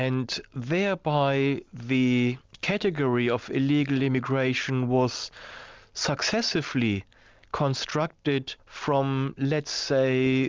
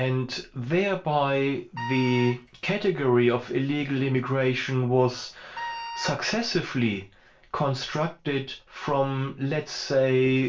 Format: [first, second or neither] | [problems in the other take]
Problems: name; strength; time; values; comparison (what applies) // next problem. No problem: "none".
first | background sound (Wind instrument, woodwind instrument); 11 dB below the speech // room echo; dies away in 0.3 s